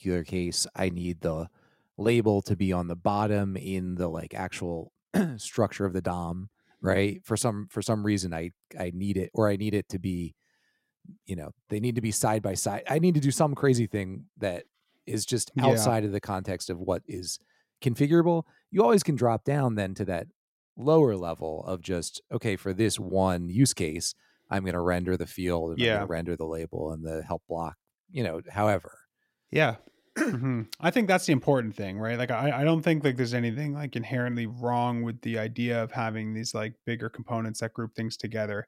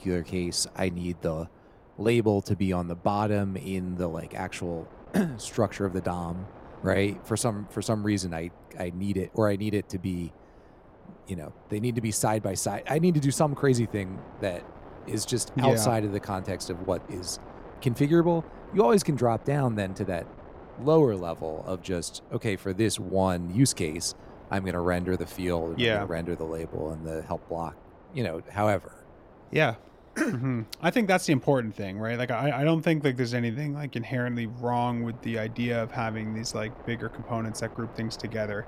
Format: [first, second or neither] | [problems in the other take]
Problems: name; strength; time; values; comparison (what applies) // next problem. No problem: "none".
first | wind noise on the microphone; occasional gusts; 20 dB below the speech